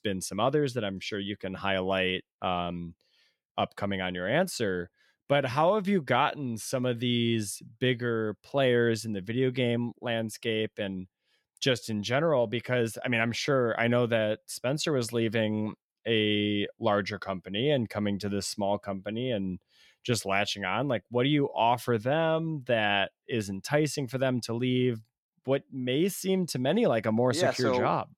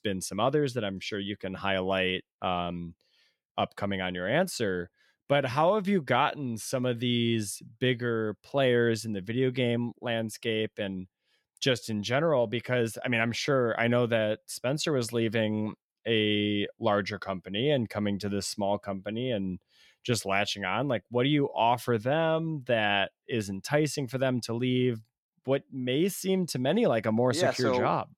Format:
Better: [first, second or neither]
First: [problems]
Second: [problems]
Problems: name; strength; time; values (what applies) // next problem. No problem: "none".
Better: neither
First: none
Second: none